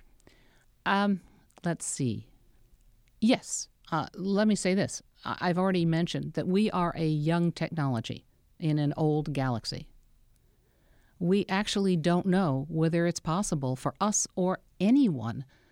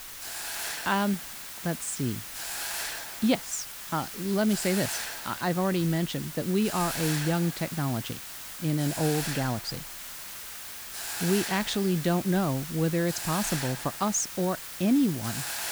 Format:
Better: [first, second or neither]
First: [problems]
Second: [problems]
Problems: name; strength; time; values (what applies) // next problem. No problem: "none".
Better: first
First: none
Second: hiss; loud; throughout; 6 dB below the speech